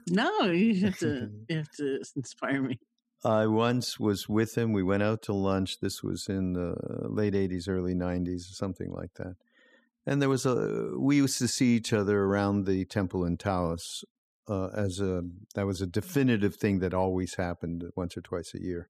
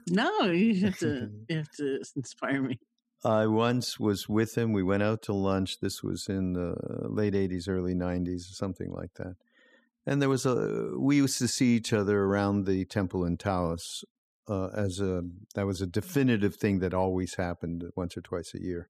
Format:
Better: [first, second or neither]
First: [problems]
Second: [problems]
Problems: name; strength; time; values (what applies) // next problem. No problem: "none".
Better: neither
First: none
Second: none